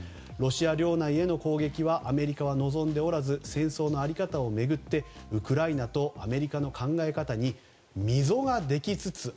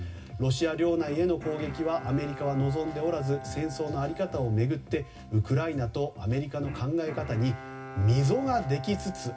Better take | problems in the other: first | background sound (Bowed string instrument); 15 dB below the speech // room echo; dies away in 0.4 s

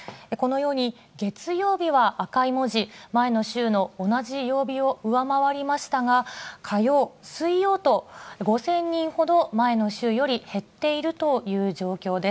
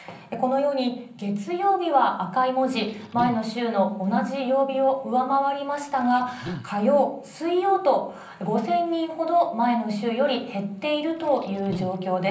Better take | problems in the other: first | background sound (Liquid); 13 dB below the speech // room echo; dies away in 0.6 s

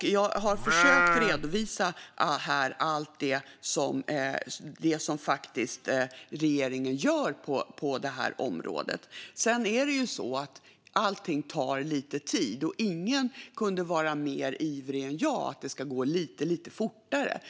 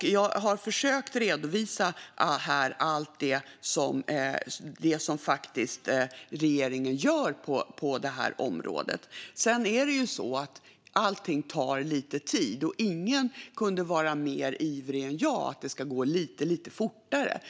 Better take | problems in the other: second | background sound (Livestock, farm animals, working animals); 4 dB above the speech

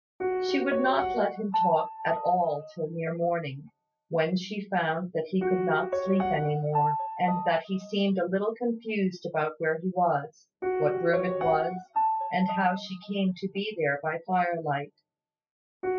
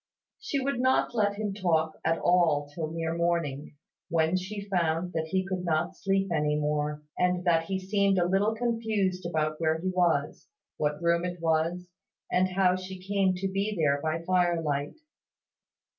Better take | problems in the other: second | noise reduction (classical method spectral subtraction)

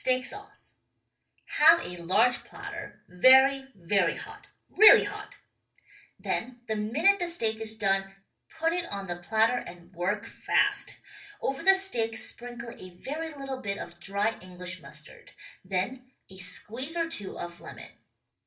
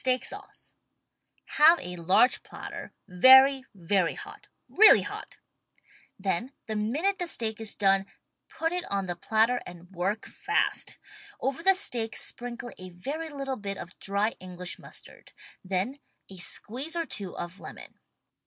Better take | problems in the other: second | room echo; dies away in 0.3 s

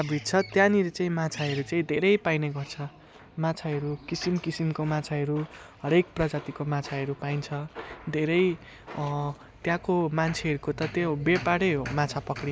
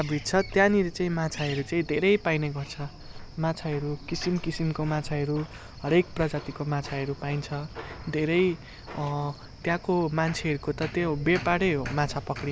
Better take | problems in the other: first | background sound (Cricket); 15 dB below the speech

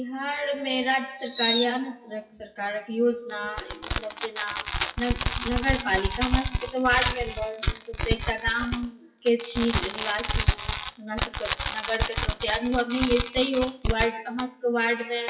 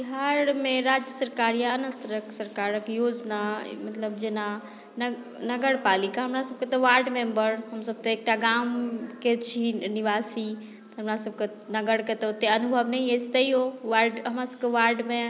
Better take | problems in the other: second | noise reduction (classical method WPE with log-MMSE)

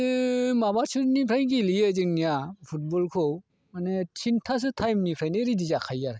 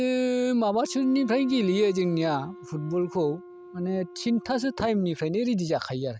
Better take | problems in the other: first | background sound (Wind instrument, woodwind instrument); 19 dB below the speech

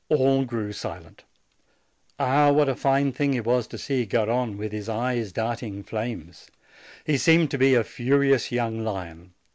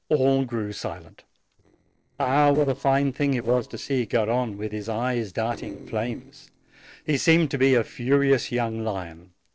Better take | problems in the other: first | noise reduction (neural separator model SepFormer DNS4)

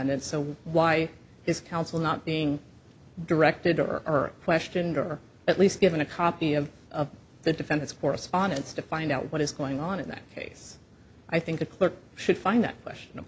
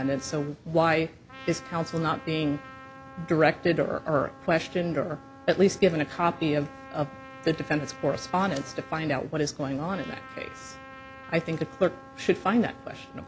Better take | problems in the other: first | background sound (Trumpet); 18 dB below the speech

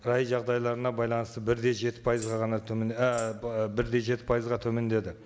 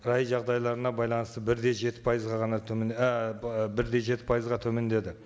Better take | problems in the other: second | background sound (Tambourine); 20 dB below the speech

